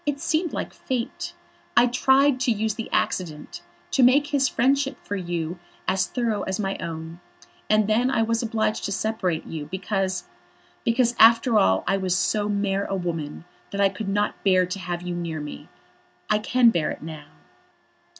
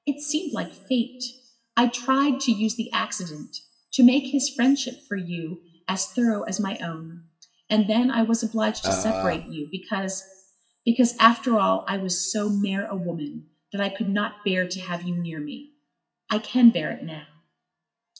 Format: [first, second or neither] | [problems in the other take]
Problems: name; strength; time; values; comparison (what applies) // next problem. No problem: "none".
first | noise reduction (classical method WPE with log-MMSE)